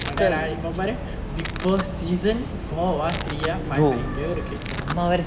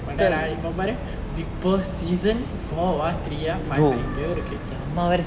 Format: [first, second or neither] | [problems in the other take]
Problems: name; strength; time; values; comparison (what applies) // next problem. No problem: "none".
second | background sound (Domestic sounds, home sounds); 14 dB below the speech